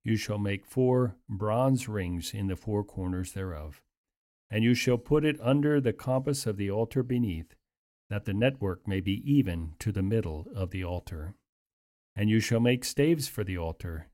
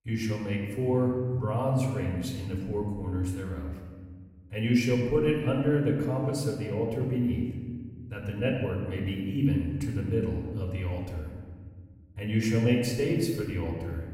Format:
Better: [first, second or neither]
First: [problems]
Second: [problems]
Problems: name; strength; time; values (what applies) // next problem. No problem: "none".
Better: first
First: none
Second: off-mic speech; far // room echo; noticeable; dies away in 1.7 s